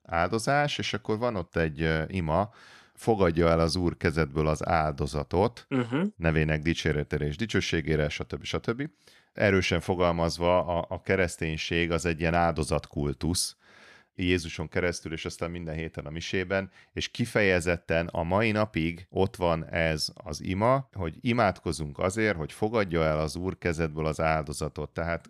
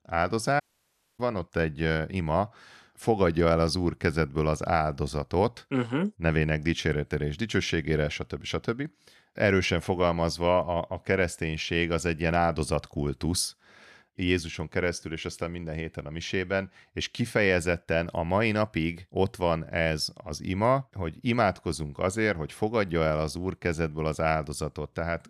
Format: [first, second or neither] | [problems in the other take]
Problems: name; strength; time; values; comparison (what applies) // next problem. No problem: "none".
first | audio cutting out; at 0.5 s for 0.5 s